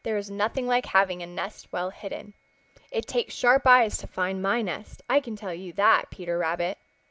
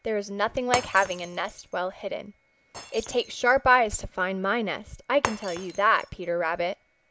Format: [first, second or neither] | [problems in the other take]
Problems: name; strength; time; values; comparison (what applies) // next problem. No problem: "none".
first | background sound (Shatter); 13 dB below the speech